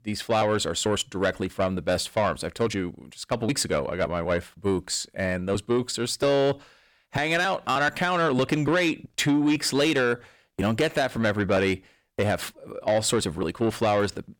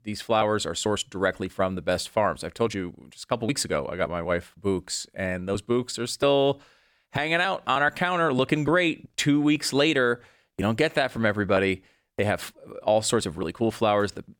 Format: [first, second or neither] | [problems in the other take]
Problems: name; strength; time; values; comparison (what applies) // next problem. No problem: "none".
second | distortion; slight; 10 dB below the speech